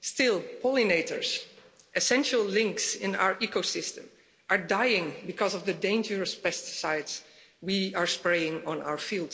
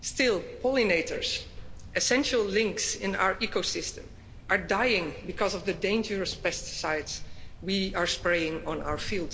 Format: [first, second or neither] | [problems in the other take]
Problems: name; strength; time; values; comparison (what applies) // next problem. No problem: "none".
first | background sound (Cricket); 13 dB below the speech